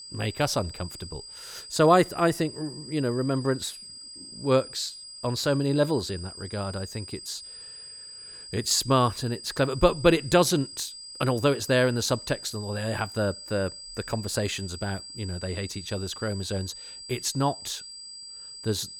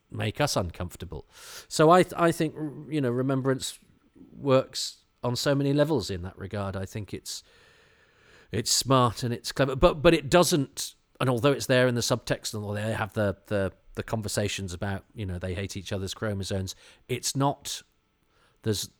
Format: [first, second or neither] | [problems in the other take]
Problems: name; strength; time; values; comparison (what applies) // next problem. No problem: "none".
second | high-pitched whine; noticeable; throughout; 5 kHz, 15 dB below the speech